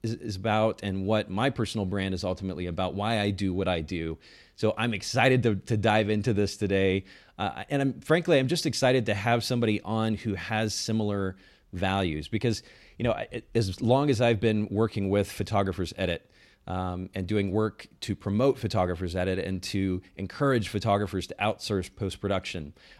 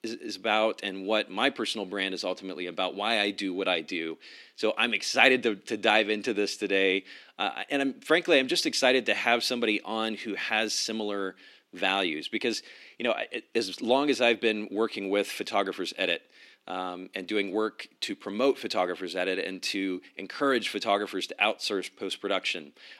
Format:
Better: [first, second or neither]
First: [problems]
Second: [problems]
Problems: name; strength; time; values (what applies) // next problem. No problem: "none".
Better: first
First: none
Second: thin; very slightly; fading below 250 Hz